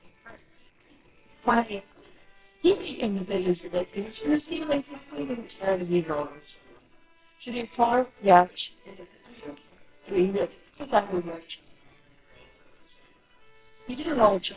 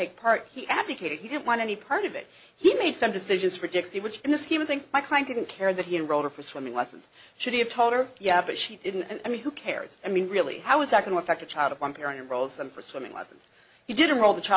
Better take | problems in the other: second | noise reduction (neural separator model SepFormer WHAMR!)

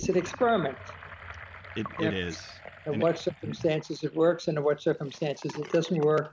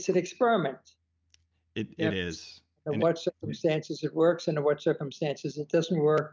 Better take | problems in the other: second | background sound (Sink (filling or washing) / Gurgling); 16 dB below the speech

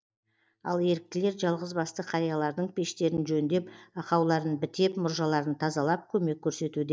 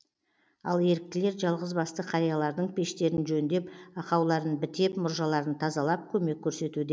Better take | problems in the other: second | noise reduction (neural mask model DeepFilterNet 3)

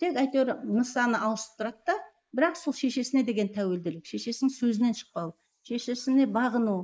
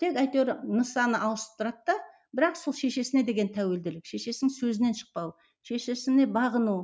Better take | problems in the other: second | noise reduction (neural mask model Resemble Enhance denoiser)

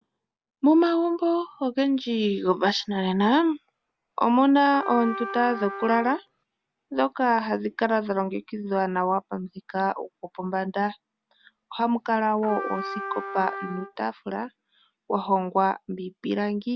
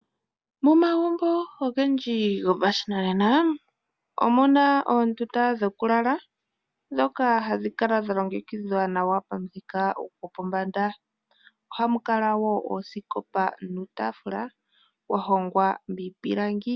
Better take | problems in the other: second | background sound (Trumpet); 11 dB below the speech

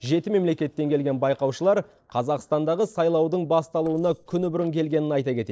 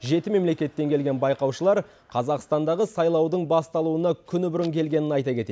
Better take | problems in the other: second | noise reduction (neural separator model SepFormer DNS4)

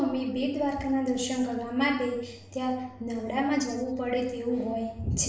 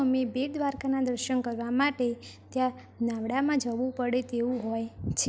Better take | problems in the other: second | room echo; dies away in 0.7 s

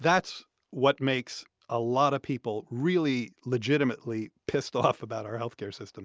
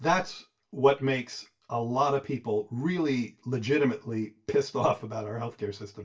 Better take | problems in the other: first | room echo; dies away in 0.2 s

